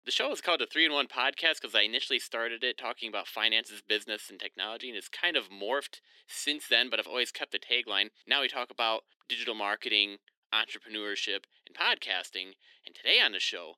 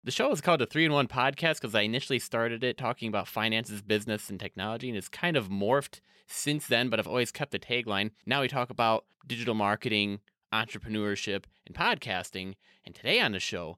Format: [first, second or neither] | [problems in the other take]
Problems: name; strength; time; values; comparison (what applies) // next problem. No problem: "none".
second | thin; somewhat; fading below 300 Hz